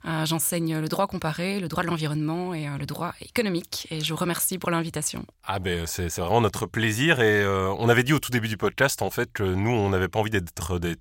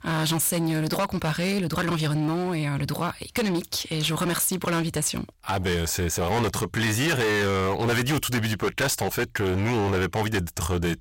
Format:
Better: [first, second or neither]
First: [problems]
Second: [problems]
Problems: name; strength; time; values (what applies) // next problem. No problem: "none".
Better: first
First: none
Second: distortion; heavy; 22% of the sound clipped